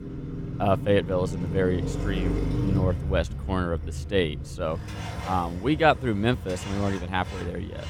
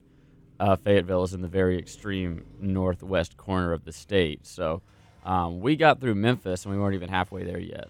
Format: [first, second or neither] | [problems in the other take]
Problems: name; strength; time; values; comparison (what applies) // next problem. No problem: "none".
second | traffic noise; loud; throughout; 5 dB below the speech; faint in the second